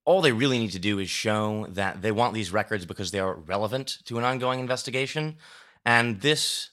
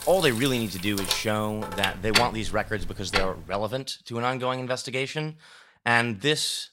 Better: first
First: none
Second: household noises; loud; until 3.5 s; 2 dB below the speech

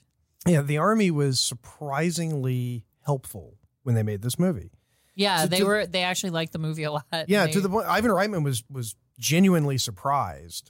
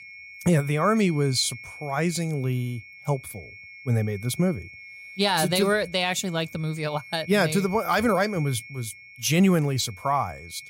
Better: first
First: none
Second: high-pitched whine; noticeable; throughout; 2 kHz, 15 dB below the speech

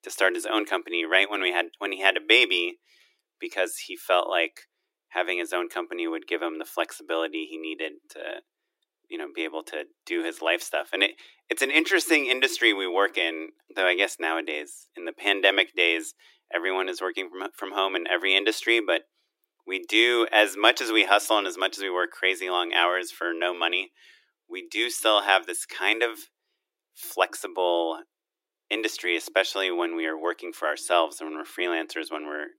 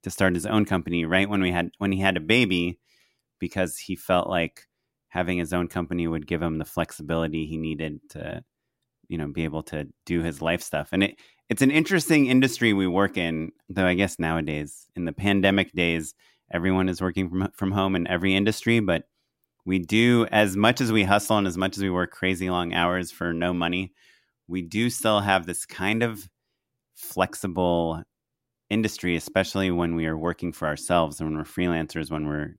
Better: second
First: thin; very; fading below 350 Hz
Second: none

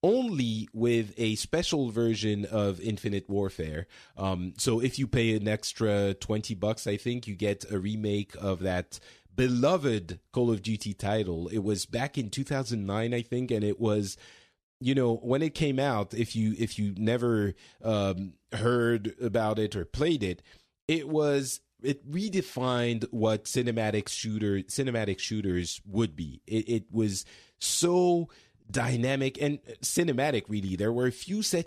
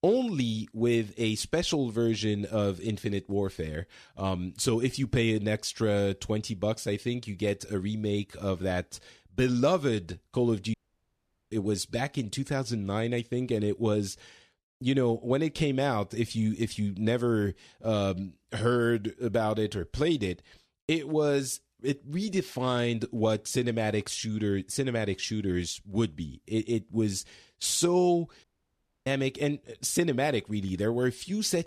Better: first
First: none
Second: audio cutting out; at 11 s for 1 s and at 28 s for 0.5 s

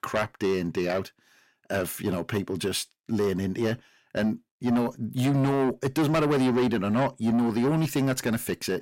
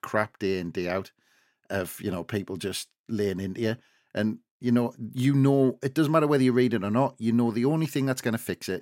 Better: second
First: distortion; heavy; 7 dB below the speech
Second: none

